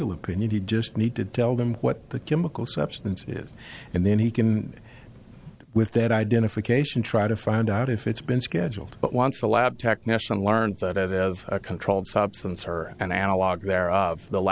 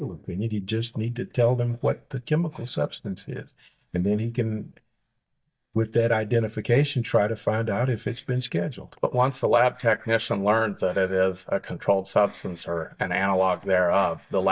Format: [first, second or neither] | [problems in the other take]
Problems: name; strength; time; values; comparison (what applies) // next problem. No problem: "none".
first | noise reduction (neural mask model DeepFilterNet 3)